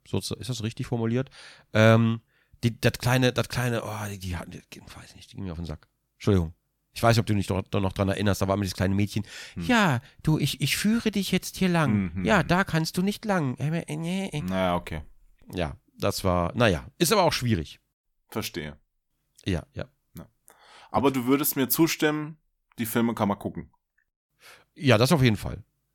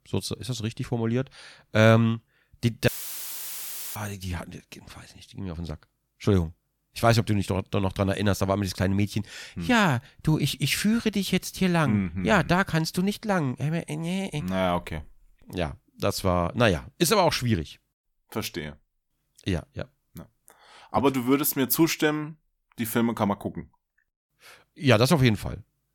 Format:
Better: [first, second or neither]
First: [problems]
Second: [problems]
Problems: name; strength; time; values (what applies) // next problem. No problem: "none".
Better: first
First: none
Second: audio cutting out; filled with static; at 3 s for 1 s